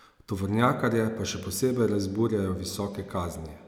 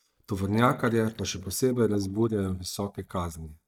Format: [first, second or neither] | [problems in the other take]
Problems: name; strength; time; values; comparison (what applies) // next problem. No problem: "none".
first | noise reduction (neural mask model DeepFilterNet 3)